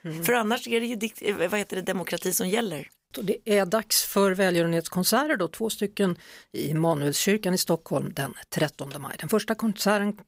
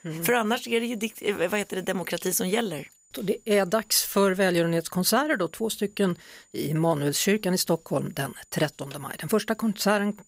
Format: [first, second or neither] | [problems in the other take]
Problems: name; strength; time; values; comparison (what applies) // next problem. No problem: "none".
first | high-pitched whine; faint; throughout; 7 kHz, 30 dB below the speech